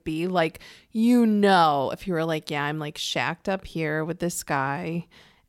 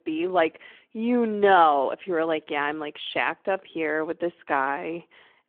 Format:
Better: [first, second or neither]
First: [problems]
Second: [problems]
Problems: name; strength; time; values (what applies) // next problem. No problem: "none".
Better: first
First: none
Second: phone-call audio